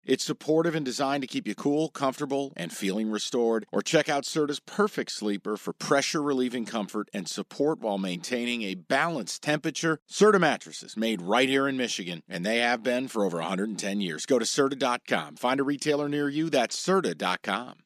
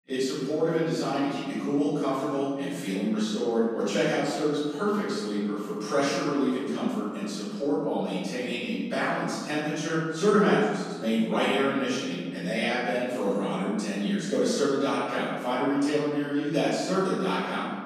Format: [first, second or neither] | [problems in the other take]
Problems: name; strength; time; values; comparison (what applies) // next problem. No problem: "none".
first | room echo; strong; dies away in 1.6 s // off-mic speech; far